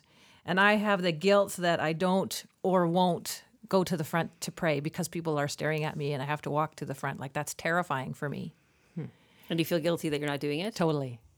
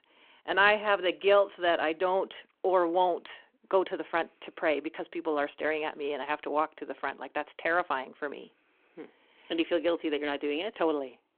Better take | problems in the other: first | phone-call audio

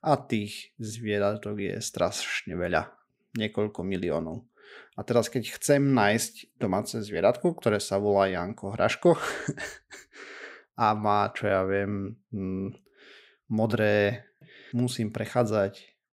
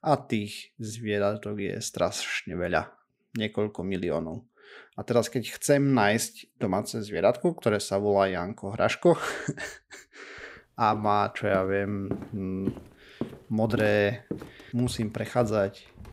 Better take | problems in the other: first | footsteps; noticeable; from 11 s on; peak 9 dB below the speech

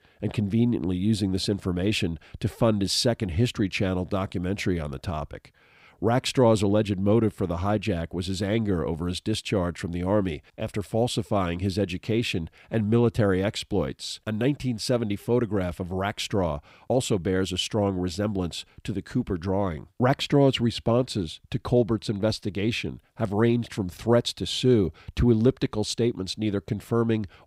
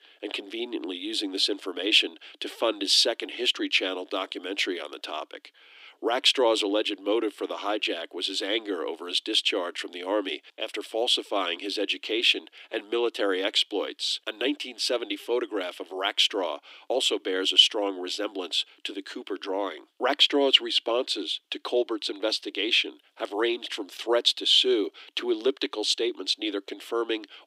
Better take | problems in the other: first | thin; somewhat; fading below 300 Hz

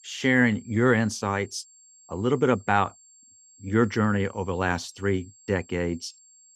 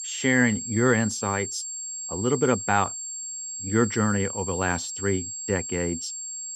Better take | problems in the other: first | high-pitched whine; loud; throughout; 7.5 kHz, 6 dB below the speech; faint in the first

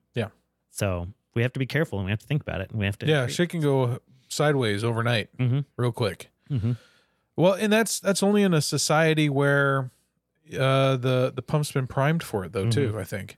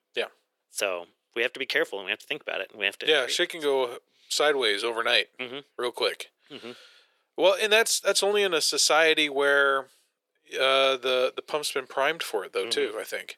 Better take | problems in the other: first | thin; very; fading below 400 Hz

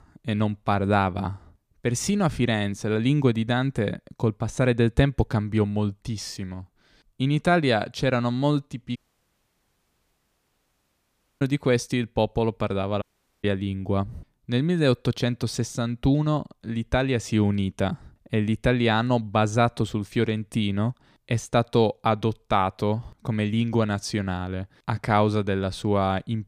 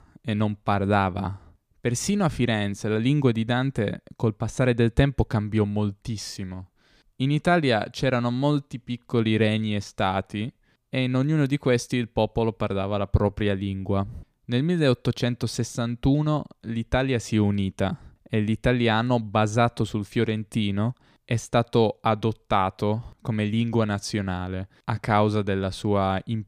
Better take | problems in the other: second | audio cutting out; at 9 s for 2.5 s and at 13 s

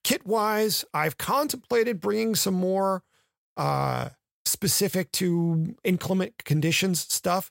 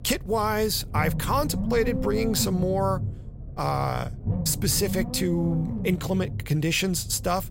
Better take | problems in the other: first | low rumble; noticeable; throughout; 10 dB below the speech

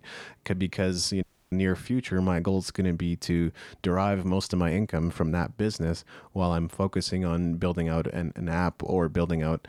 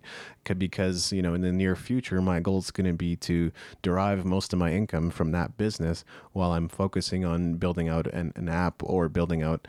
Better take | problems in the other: second | audio cutting out; at 1 s

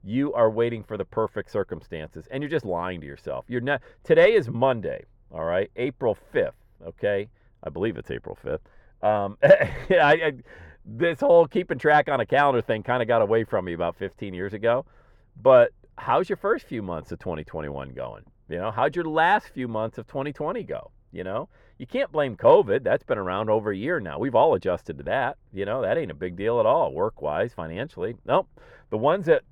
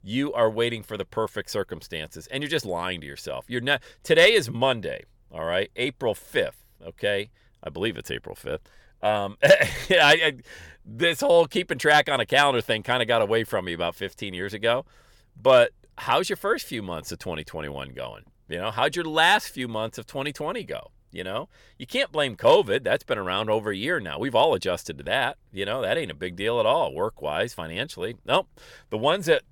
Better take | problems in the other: second | muffled; very; fading above 2.5 kHz

